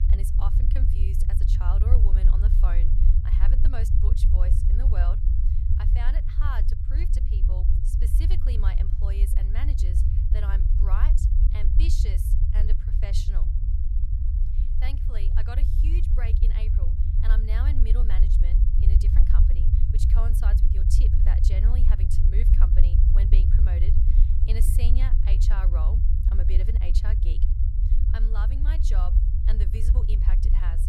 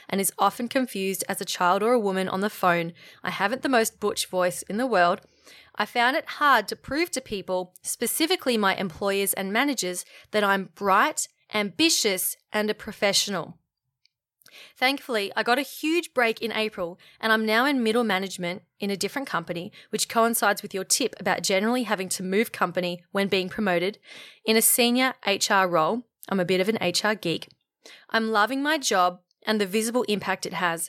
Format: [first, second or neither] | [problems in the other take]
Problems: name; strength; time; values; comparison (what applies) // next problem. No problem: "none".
second | low rumble; loud; throughout; 1 dB below the speech